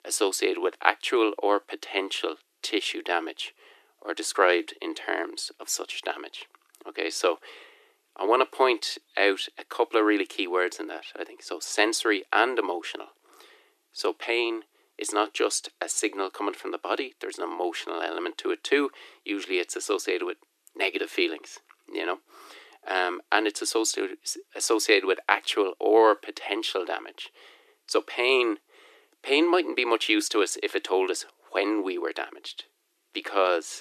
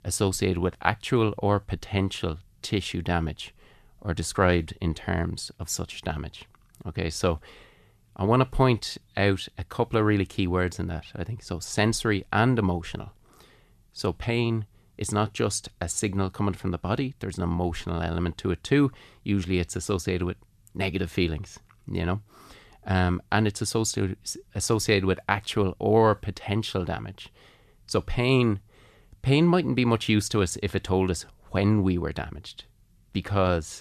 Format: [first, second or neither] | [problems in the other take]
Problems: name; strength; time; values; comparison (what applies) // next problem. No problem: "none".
second | thin; very; fading below 300 Hz